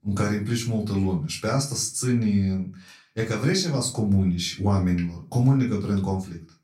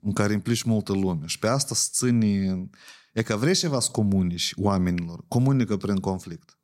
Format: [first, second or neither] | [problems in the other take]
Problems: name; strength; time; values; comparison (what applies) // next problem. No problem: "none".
second | off-mic speech; far // room echo; very slight; dies away in 0.3 s